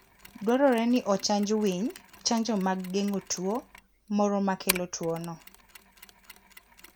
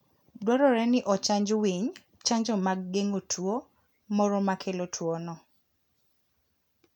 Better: second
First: background sound (Mechanisms); 14 dB below the speech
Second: none

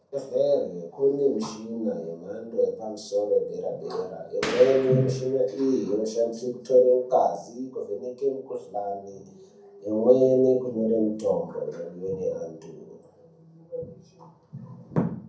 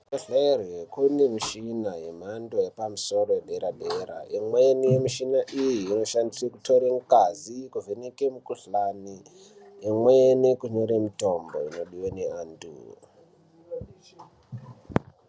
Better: second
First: background sound (Boom); 9 dB below the speech // room echo; dies away in 0.6 s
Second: none

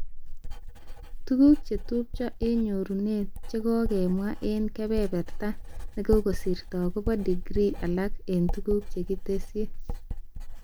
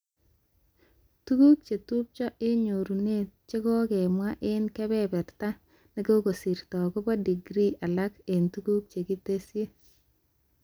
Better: second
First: background sound (Writing); 3 dB below the speech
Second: none

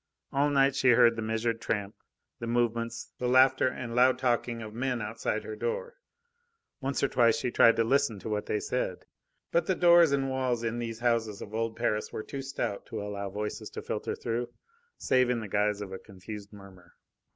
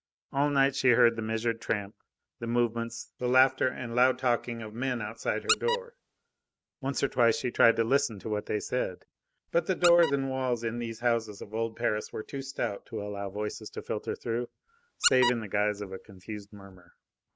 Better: first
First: none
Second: noise reduction (neural mask model RNNoise)

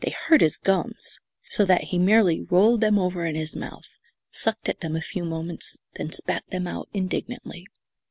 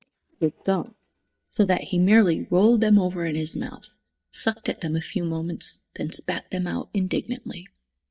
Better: first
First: none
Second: noise reduction (neural mask model DeepFilterNet 3)

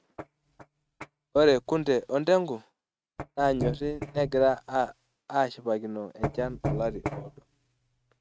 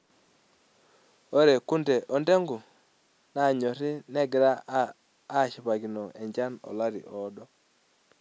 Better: second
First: noise reduction (neural mask model RNNoise)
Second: none

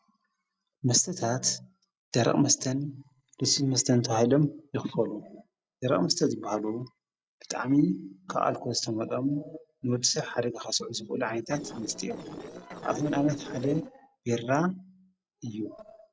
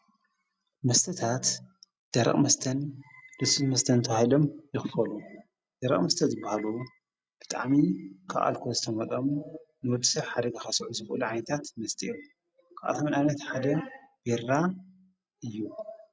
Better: second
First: noise reduction (neural separator model SepFormer DNS4)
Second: none

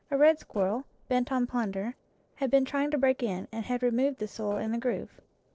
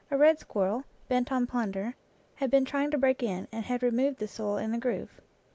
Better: second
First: noise reduction (neural separator model SepFormer DNS4)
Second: none

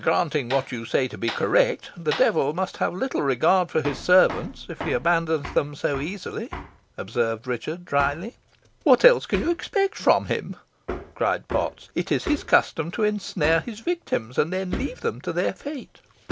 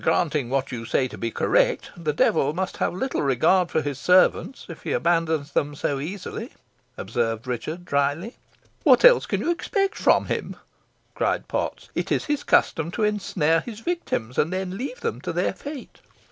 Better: second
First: background sound (Hammer); 14 dB below the speech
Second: none

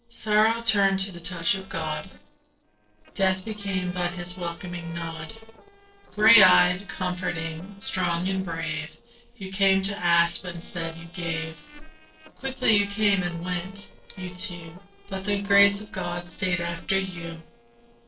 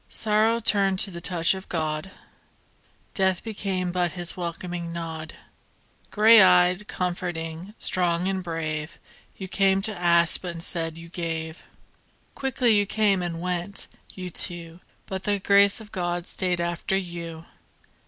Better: second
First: noise reduction (neural separator model SepFormer DNS4)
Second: none

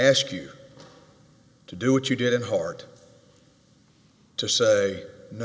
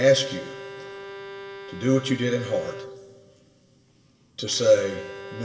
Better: first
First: none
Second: background sound (Bowed string instrument); 14 dB below the speech // room echo; dies away in 1.6 s

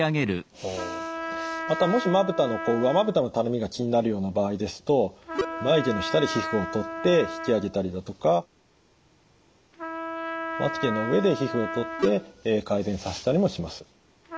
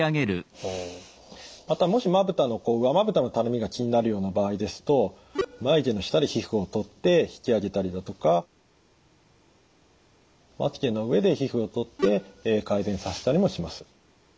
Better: second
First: background sound (Trumpet); 9 dB below the speech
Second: none

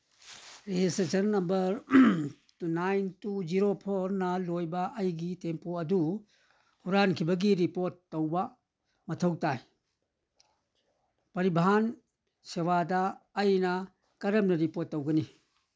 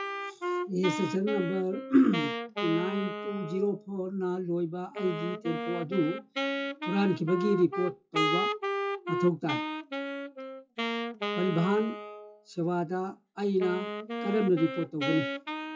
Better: first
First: none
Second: noise reduction (classical method WPE with log-MMSE)

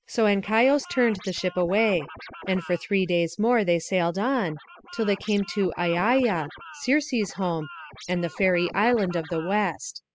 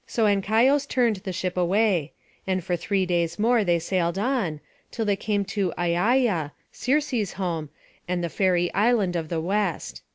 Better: second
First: noise reduction (classical method spectral subtraction)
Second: none

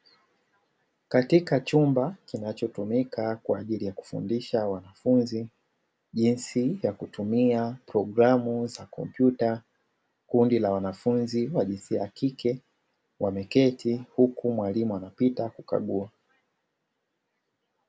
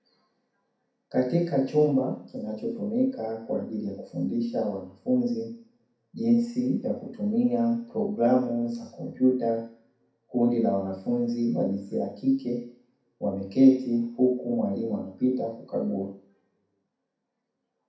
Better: first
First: none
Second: room echo; dies away in 0.6 s

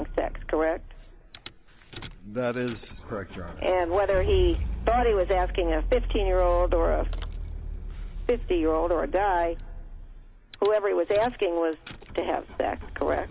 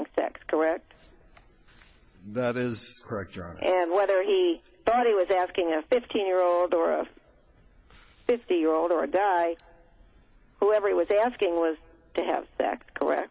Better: second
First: background sound (Rattle / Engine starting / Car); 5 dB below the speech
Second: none

